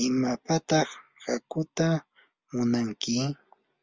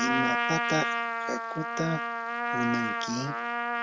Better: first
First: none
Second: background sound (Trumpet); 3 dB above the speech

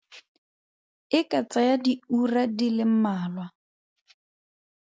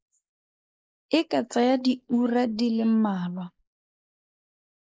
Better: first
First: none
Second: noise reduction (neural mask model Resemble Enhance denoiser)

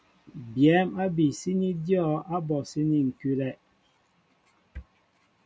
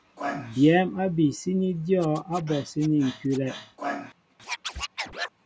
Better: first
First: none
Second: background sound (Scratching (performance technique)); 12 dB below the speech

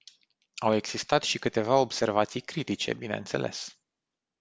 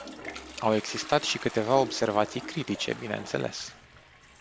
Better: first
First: none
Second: background sound (Toilet flush); 13 dB below the speech

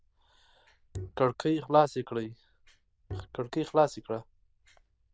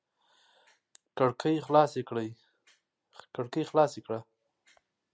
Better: second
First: noise reduction (neural diffusion model UNIVERSE++)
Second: none

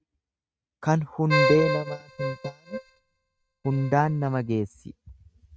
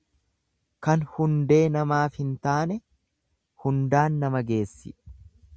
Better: second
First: noise reduction (neural mask model RNNoise)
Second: none

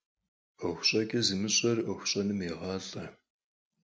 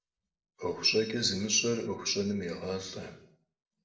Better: first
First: none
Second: noise reduction (neural separator model SepFormer DNS4)

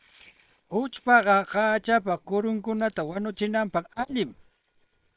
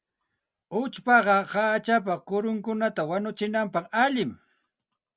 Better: second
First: noise reduction (neural separator model SepFormer WHAM!)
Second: none

